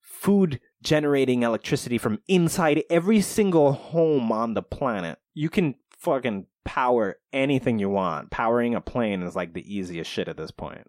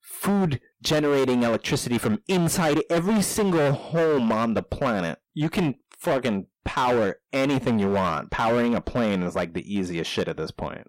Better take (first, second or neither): first